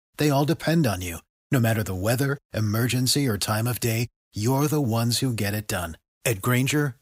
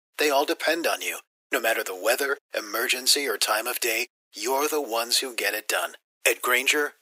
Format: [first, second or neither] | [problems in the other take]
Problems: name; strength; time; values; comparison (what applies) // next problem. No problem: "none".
first | thin; very; fading below 350 Hz